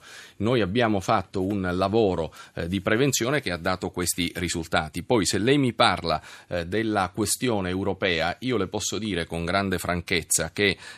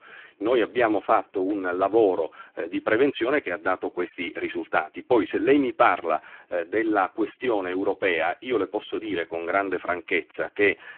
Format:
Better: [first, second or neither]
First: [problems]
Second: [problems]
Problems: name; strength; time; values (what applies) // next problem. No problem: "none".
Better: first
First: none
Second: phone-call audio; poor line